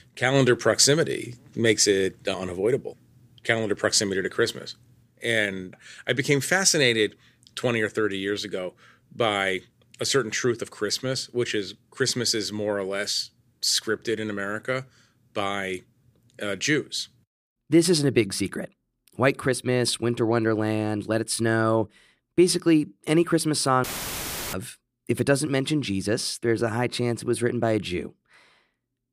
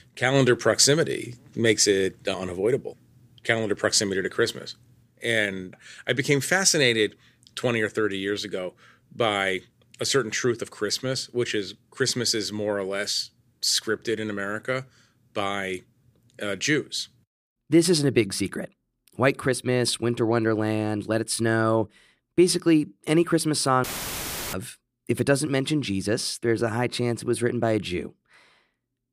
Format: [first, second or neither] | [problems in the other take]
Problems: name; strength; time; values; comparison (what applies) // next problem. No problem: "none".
neither | audio cutting out; filled with static; at 24 s for 0.5 s; the same in both